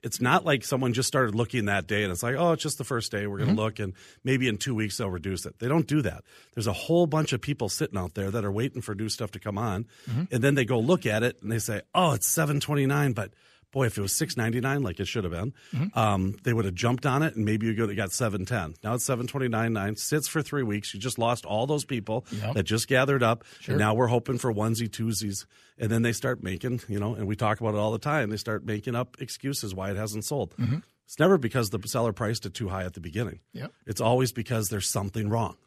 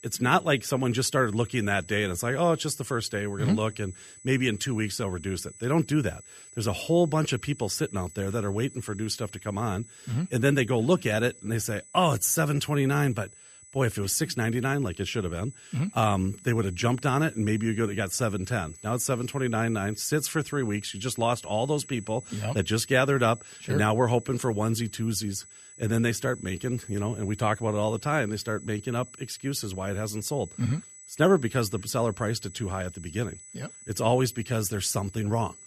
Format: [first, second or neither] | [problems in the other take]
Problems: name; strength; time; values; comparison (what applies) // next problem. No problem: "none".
first | high-pitched whine; noticeable; throughout; 8 kHz, 20 dB below the speech